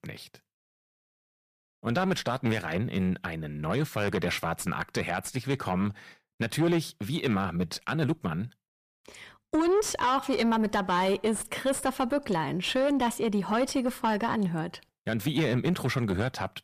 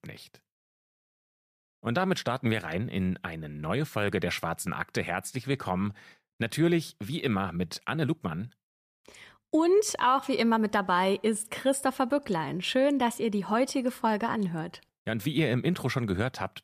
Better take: second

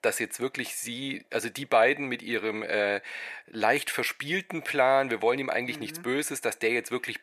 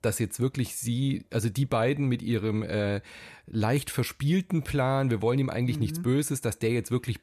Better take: second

